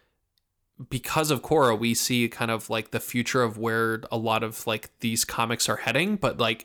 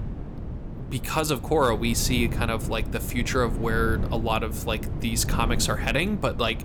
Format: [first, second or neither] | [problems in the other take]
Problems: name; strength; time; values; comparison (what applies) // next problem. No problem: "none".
first | wind noise on the microphone; occasional gusts; 15 dB below the speech